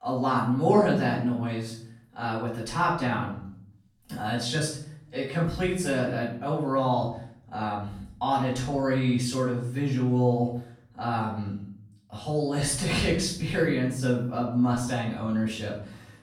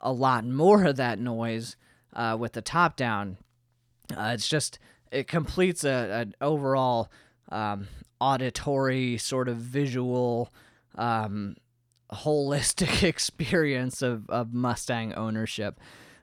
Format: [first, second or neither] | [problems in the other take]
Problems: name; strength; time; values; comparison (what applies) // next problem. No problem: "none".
second | off-mic speech; far // room echo; noticeable; dies away in 0.6 s